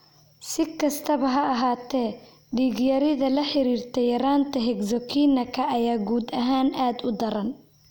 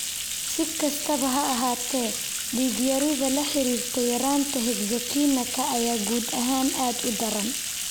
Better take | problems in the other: first | background sound (Bathtub (filling or washing)); 3 dB below the speech

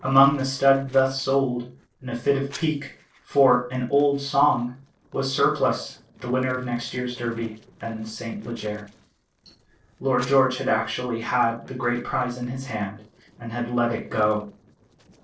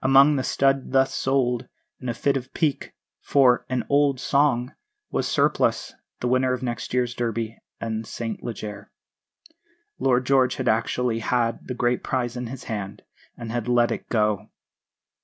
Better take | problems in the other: second | noise reduction (neural separator model SepFormer DNS4)

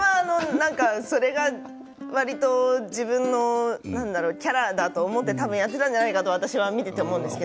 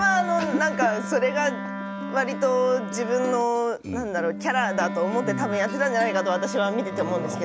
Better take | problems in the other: first | background sound (Wind instrument, woodwind instrument); 8 dB below the speech

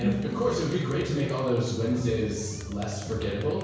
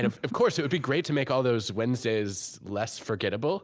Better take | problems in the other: second | background sound (Crowd); 15 dB below the speech // room echo; dies away in 1 s

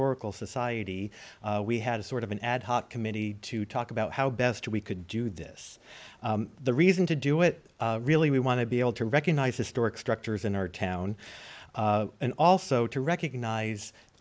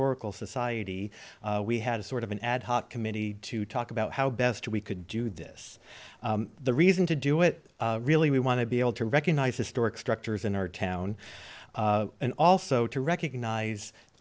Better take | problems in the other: first | noise reduction (neural separator model SepFormer DNS4)

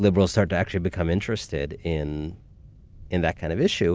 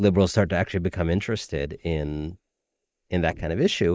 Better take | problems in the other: first | noise reduction (neural mask model Resemble Enhance denoiser)

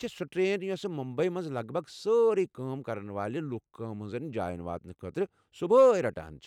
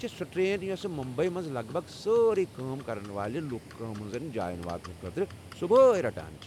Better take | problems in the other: first | background sound (Livestock, farm animals, working animals); 18 dB below the speech

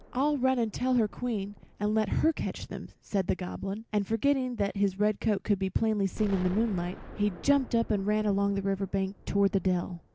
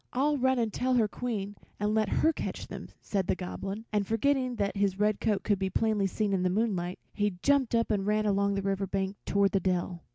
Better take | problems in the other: second | background sound (Explosion); 19 dB below the speech

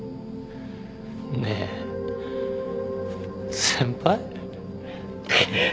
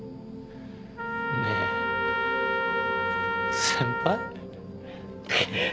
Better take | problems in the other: first | background sound (Trumpet); 1 dB above the speech

